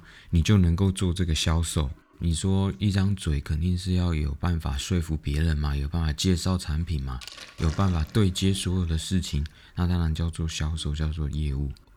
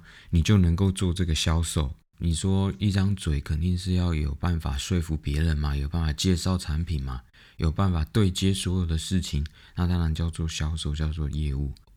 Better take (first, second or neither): second